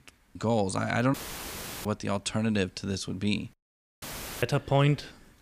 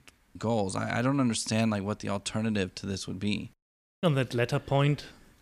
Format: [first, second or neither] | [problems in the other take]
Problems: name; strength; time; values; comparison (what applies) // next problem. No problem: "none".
second | audio cutting out; filled with static; at 1 s for 0.5 s and at 4 s